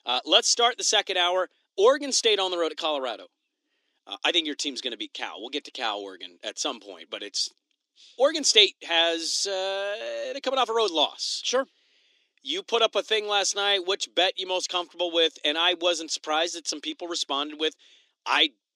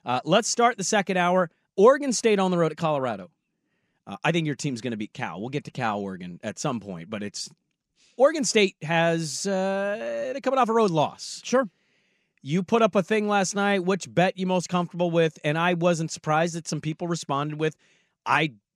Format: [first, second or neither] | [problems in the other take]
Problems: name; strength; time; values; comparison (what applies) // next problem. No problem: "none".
second | thin; somewhat; fading below 300 Hz